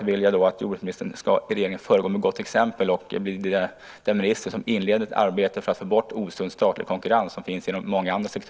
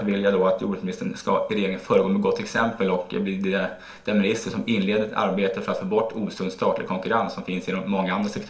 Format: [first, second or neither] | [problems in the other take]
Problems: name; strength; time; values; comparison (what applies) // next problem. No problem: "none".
first | room echo; dies away in 0.5 s